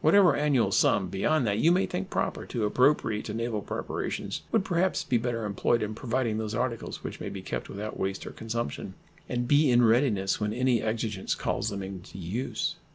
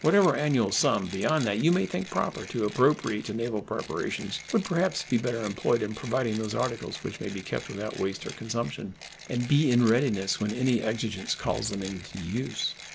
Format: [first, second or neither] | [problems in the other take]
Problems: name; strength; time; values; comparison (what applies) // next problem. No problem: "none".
first | background sound (Mechanisms); 17 dB below the speech